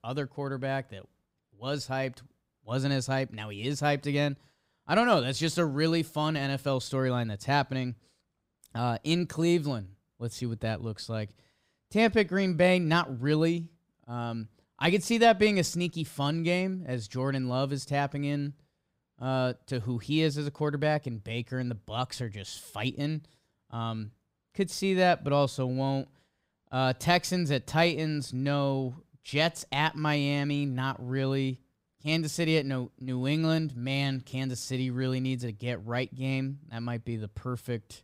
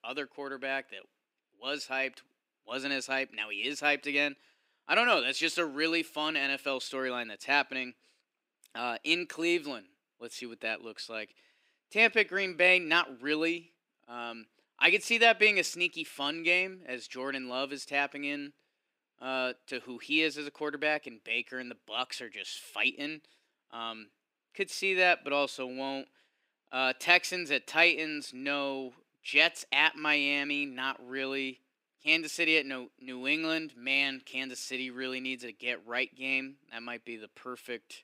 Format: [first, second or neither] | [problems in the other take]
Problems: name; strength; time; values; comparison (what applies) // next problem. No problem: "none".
first | thin; somewhat; fading below 300 Hz